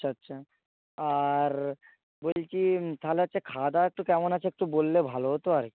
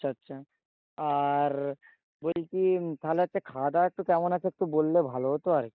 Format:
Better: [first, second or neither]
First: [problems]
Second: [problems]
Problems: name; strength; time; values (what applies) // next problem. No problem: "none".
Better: first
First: none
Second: noise reduction (neural mask model DeepFilterNet 3)